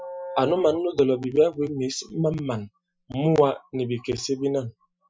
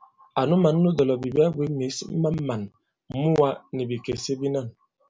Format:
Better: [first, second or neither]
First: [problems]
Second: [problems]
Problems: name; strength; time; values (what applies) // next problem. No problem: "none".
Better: second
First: noise reduction (classical method Wiener filter)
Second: none